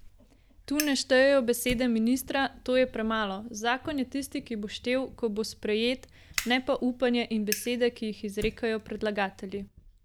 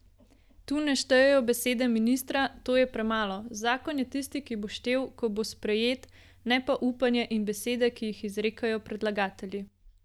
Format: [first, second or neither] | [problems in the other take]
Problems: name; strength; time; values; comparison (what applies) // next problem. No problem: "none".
second | background sound (Fire); 15 dB below the speech